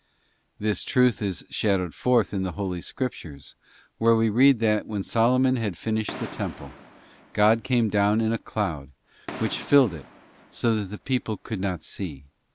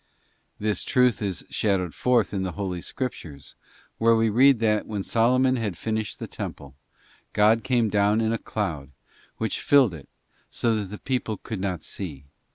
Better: second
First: background sound (Fireworks); 18 dB below the speech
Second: none

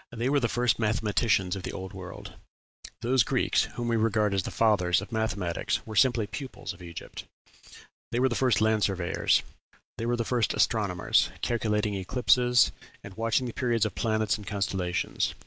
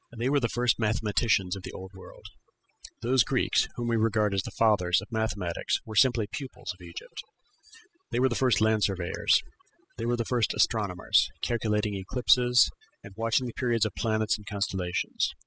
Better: first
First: none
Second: noise reduction (classical method spectral subtraction)

